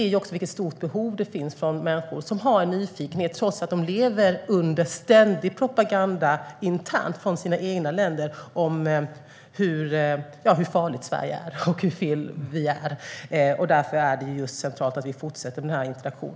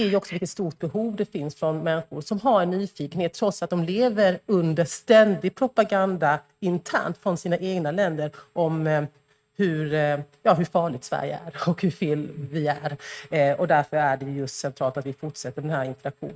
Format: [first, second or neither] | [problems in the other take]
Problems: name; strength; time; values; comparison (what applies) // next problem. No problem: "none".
first | noise reduction (neural mask model RNNoise)